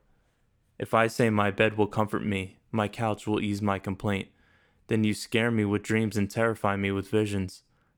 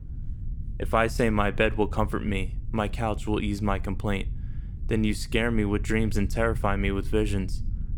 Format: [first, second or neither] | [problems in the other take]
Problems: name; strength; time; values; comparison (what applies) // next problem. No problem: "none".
first | low rumble; faint; throughout; 25 dB below the speech